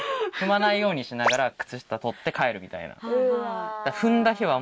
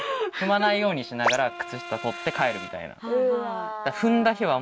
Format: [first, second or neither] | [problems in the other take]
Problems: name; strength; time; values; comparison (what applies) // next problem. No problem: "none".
first | background sound (Brass instrument); 16 dB below the speech